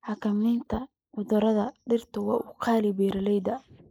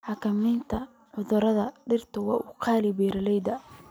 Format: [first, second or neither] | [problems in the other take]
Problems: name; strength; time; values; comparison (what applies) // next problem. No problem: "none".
second | noise reduction (neural mask model Resemble Enhance denoiser)